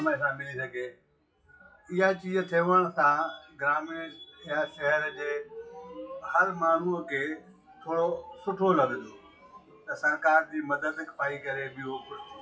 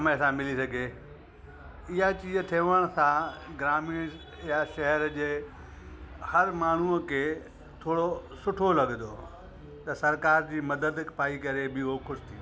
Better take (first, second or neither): second